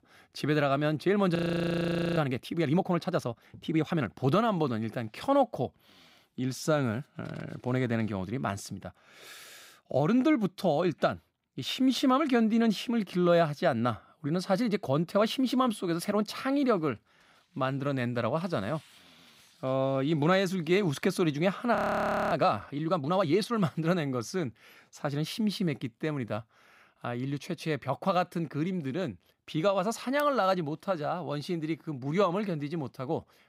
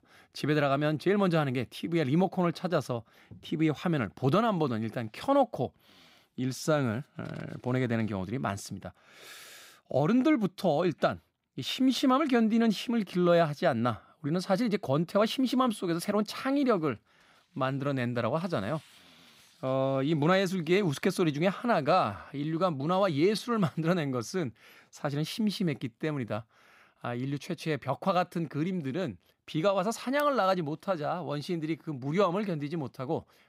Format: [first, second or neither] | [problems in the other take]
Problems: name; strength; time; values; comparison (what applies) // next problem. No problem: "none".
second | audio freezing; at 1.5 s for 1 s and at 22 s for 0.5 s